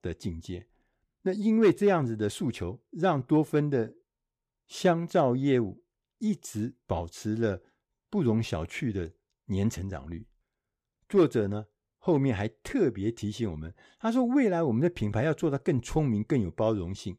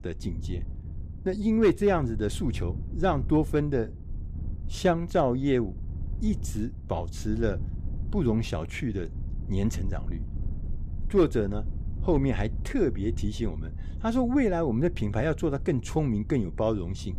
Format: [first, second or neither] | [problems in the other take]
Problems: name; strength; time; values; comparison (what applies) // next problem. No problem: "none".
first | low rumble; faint; throughout; 20 dB below the speech